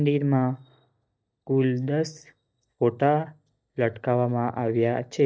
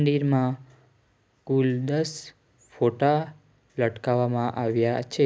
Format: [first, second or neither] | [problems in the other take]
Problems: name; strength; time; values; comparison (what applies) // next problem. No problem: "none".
second | noise reduction (neural mask model DeepFilterNet 3)